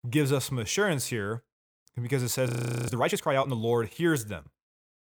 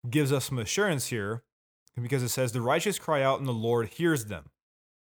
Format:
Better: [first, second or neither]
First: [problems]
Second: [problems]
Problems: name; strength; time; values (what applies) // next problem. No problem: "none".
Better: second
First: audio freezing; at 2.5 s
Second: none